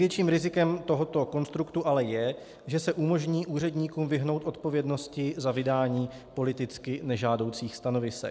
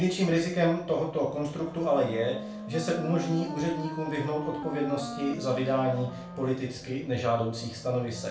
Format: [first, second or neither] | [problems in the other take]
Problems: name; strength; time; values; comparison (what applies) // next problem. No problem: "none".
first | background sound (Wind instrument, woodwind instrument); 11 dB below the speech // room echo; dies away in 0.3 s